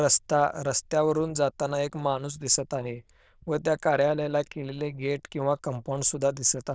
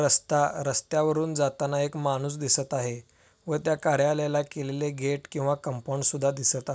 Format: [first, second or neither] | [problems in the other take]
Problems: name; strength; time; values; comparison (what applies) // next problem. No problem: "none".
second | noise reduction (neural diffusion model UNIVERSE++)